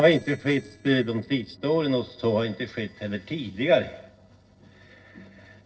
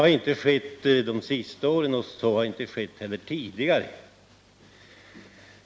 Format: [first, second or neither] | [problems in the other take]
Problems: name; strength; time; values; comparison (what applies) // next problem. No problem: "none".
second | noise reduction (neural separator model SepFormer DNS4)